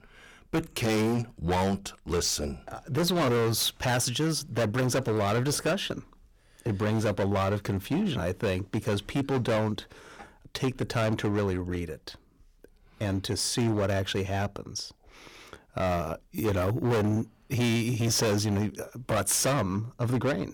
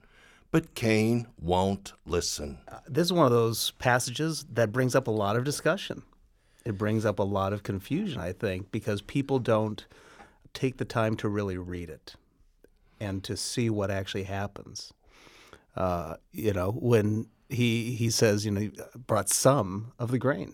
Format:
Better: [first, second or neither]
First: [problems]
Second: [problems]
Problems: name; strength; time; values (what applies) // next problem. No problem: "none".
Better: second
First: distortion; heavy; 16% of the sound clipped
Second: none